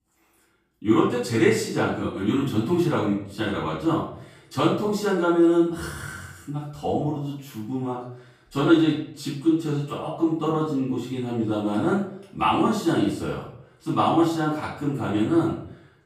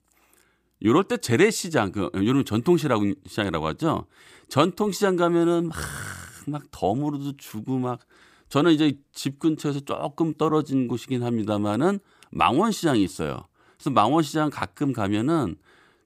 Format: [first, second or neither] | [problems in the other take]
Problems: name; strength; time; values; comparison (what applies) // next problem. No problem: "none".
second | off-mic speech; far // room echo; noticeable; dies away in 0.5 s